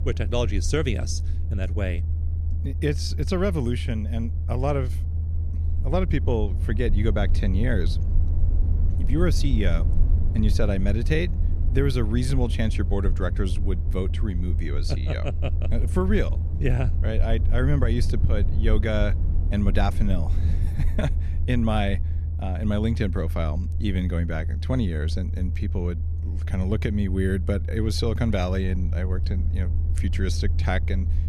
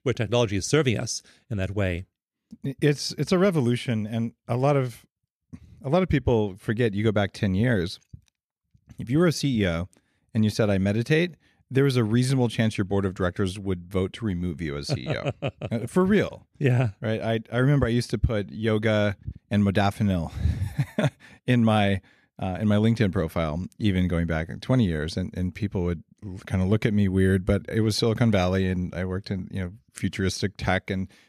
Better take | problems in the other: second | low rumble; noticeable; throughout; 10 dB below the speech

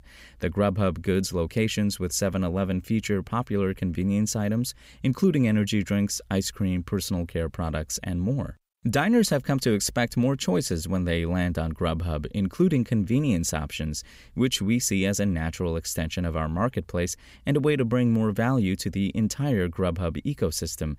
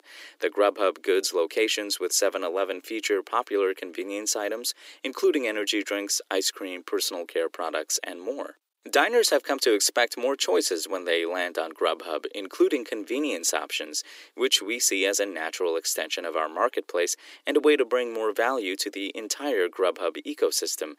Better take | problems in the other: first | thin; very; fading below 300 Hz

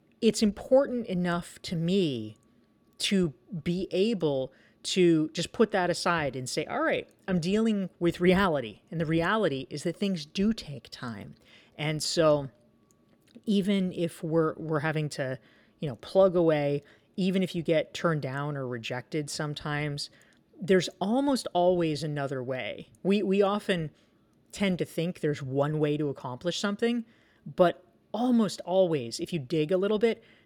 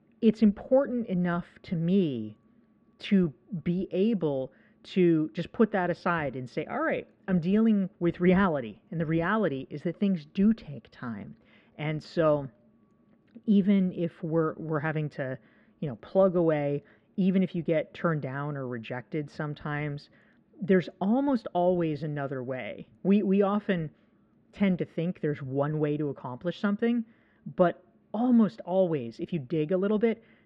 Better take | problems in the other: first | muffled; very; fading above 2 kHz

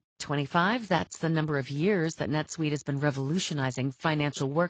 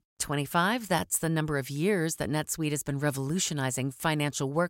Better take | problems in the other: second | garbled, watery; slightly; nothing above 7.5 kHz

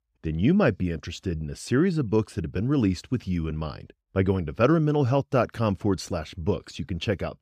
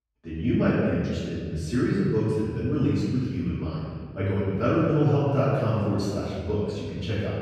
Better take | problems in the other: first | off-mic speech; far // room echo; strong; dies away in 1.6 s

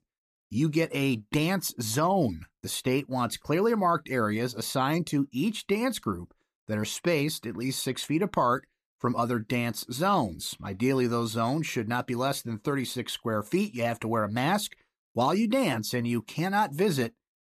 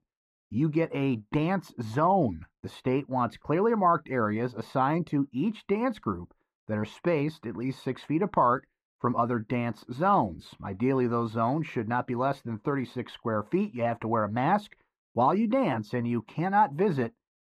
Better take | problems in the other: first | muffled; very; fading above 3.5 kHz

